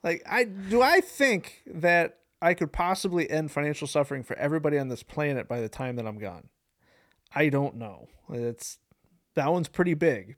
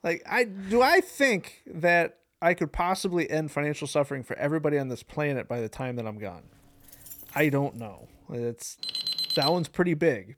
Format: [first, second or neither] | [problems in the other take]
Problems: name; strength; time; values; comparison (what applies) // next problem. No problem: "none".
first | jangling keys; faint; from 6.5 to 8.5 s; peak 15 dB below the speech // alarm; loud; at 9 s; peak level with the speech